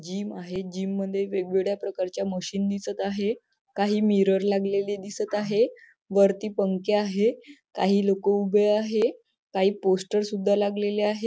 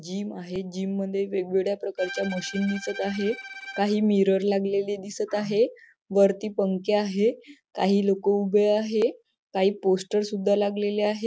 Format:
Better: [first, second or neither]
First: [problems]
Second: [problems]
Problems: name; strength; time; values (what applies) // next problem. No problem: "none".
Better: first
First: none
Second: background sound (Bowed string instrument); 15 dB below the speech